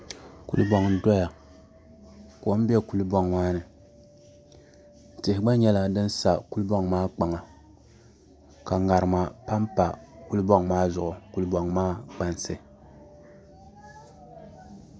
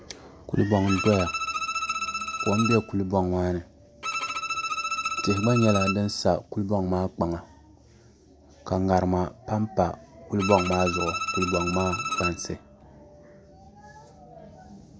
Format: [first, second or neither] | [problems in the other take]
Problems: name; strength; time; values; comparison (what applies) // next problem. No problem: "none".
first | background sound (Bowed string instrument); 4 dB below the speech